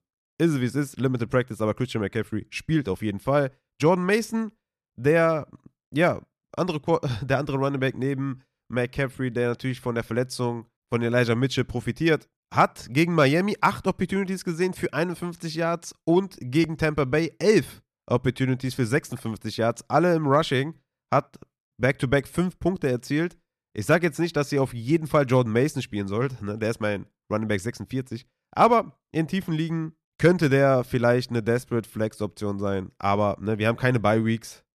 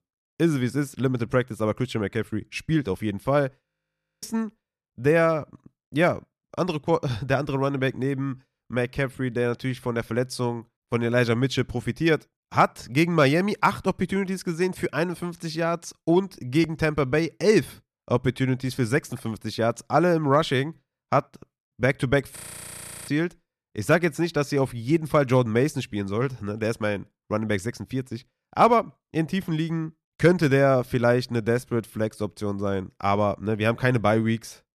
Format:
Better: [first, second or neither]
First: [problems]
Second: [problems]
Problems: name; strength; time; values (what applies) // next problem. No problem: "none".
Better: first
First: none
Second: audio freezing; at 3.5 s for 0.5 s and at 22 s for 0.5 s